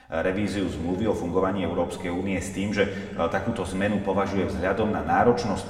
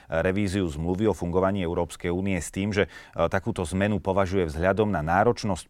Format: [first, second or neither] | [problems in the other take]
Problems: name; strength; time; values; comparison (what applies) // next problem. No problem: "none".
second | room echo; slight; dies away in 2 s // off-mic speech; somewhat distant